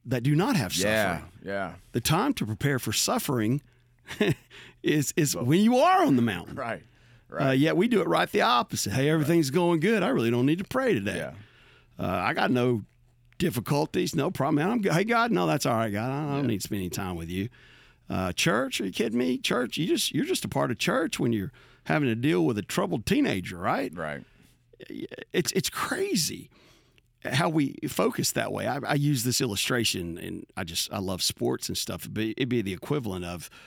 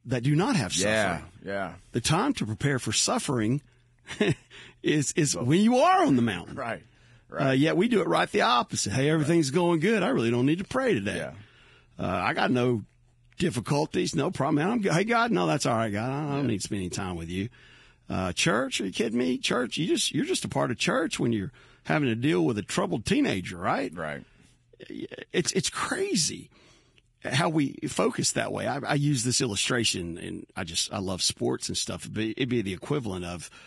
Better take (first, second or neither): first